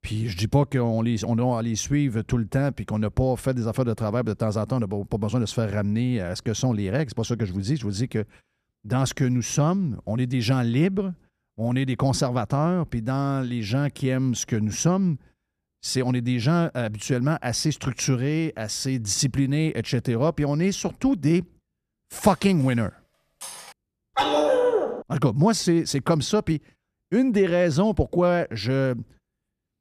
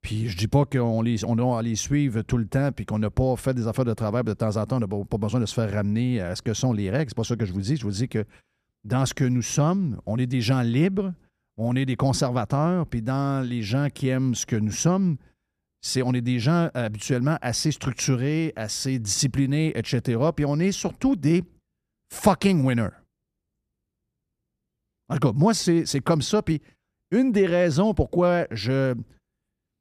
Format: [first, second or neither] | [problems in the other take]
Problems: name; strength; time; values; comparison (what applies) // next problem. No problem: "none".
second | clattering dishes; faint; from 22 to 24 s; peak 15 dB below the speech // dog barking; loud; at 24 s; peak 4 dB above the speech